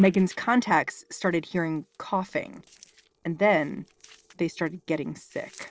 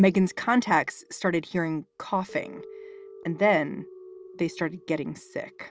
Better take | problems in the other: second | noise reduction (neural separator model SepFormer DNS4)

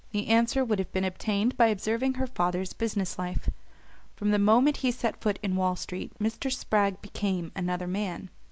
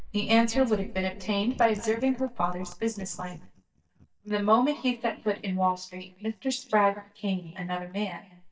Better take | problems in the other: first | noise reduction (neural mask model DeepFilterNet 3)

